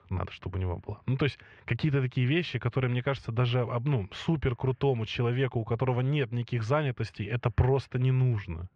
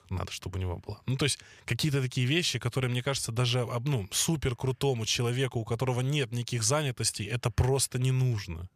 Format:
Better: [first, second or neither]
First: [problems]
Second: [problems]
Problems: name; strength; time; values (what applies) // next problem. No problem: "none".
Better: second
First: muffled; very; fading above 2.5 kHz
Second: none